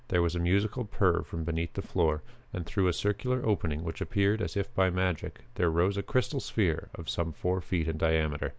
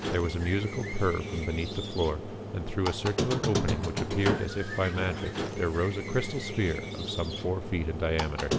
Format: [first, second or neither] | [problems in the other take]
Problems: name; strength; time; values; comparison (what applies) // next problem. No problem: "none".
first | background sound (Squeak); 3 dB below the speech